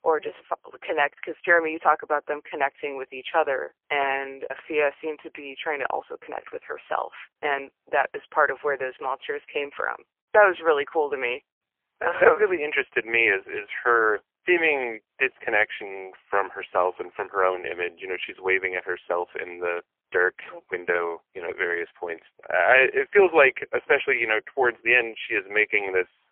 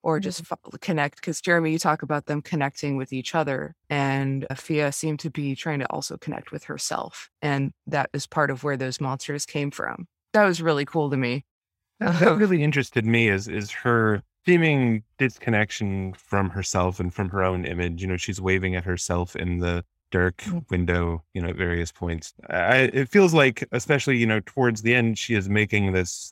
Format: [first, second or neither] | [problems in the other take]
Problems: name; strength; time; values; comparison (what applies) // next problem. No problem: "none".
second | phone-call audio; poor line